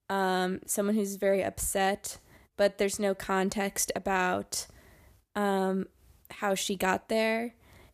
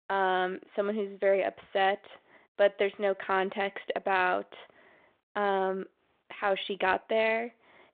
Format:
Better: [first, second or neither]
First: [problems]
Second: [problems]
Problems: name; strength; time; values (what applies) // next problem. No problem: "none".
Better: first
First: none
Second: phone-call audio